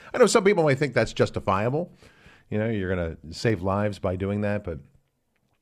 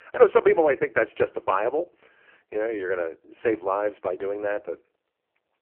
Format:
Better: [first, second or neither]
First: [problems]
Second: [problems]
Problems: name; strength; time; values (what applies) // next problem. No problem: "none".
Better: first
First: none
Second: phone-call audio; poor line